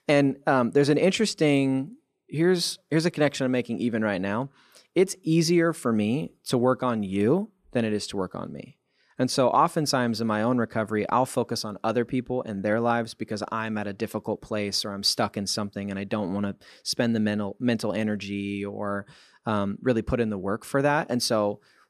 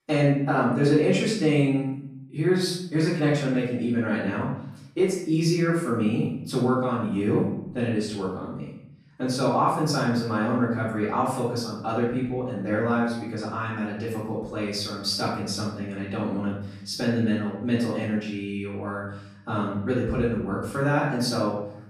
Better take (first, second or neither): first